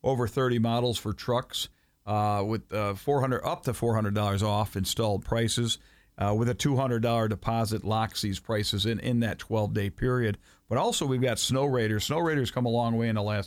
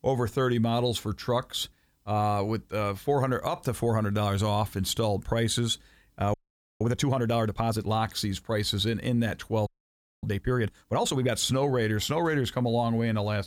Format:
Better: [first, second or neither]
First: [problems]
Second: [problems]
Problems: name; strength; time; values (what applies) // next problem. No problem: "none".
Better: first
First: none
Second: audio freezing; at 6.5 s and at 9.5 s for 0.5 s